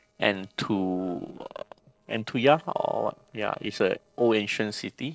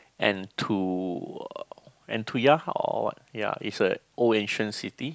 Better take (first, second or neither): second